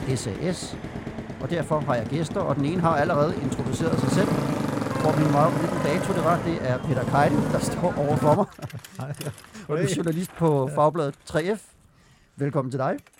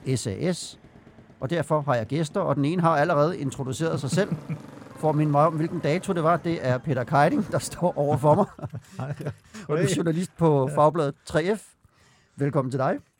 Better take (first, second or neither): second